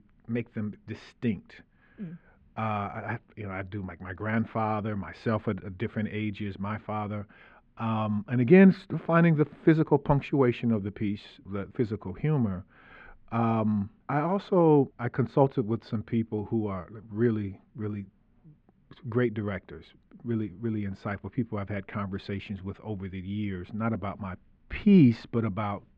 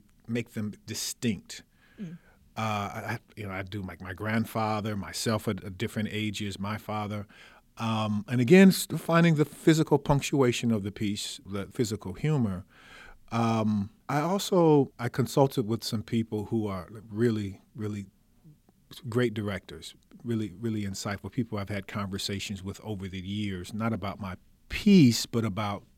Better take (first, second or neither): second